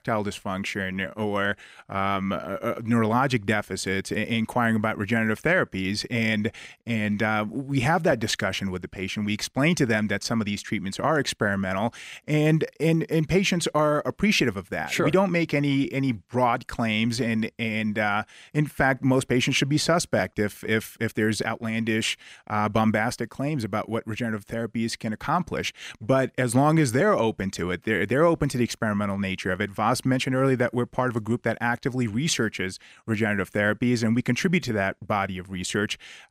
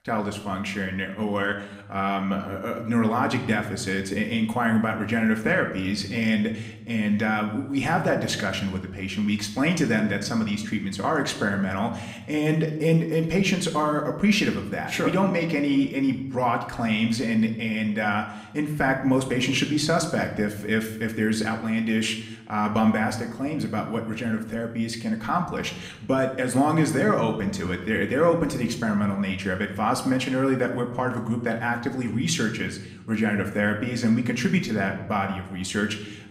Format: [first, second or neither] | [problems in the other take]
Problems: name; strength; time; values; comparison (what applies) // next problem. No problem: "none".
first | room echo; slight; dies away in 0.7 s // off-mic speech; somewhat distant